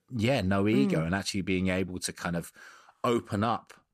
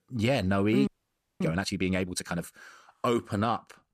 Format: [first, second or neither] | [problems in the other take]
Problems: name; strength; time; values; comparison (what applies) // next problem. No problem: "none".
first | audio freezing; at 1 s for 0.5 s